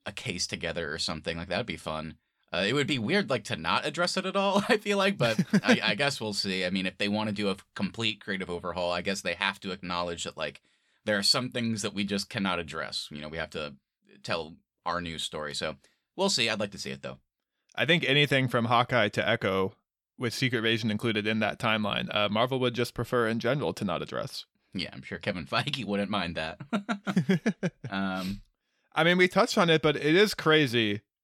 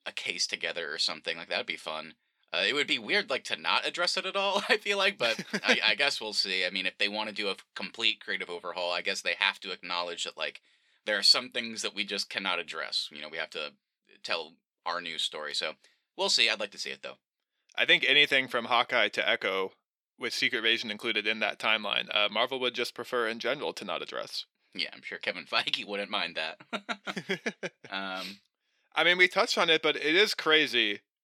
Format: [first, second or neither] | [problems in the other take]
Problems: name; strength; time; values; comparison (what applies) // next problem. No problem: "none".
first | thin; somewhat; fading below 350 Hz